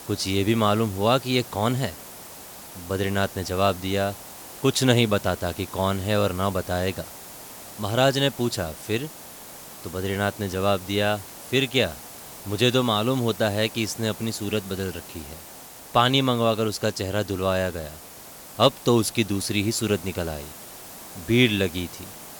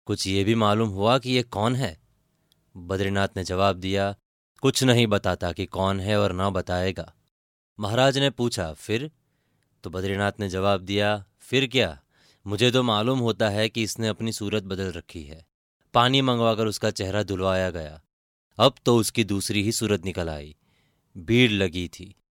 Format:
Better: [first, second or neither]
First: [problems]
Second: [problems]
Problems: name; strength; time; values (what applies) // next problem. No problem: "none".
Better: second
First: hiss; noticeable; throughout; 15 dB below the speech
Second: none